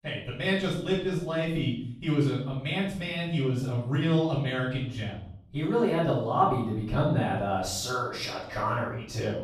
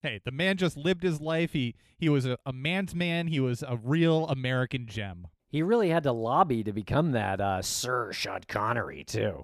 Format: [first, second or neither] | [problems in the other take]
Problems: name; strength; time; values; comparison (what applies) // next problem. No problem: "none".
second | room echo; noticeable; dies away in 0.6 s // off-mic speech; far